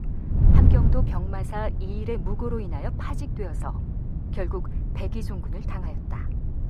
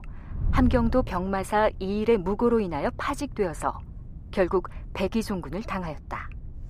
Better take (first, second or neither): second